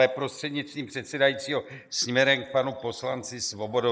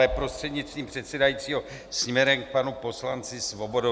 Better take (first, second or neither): second